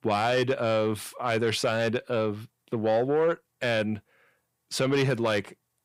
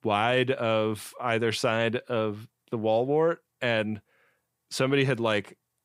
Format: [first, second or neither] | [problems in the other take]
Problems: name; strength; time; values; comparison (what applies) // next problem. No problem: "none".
second | distortion; slight; 10 dB below the speech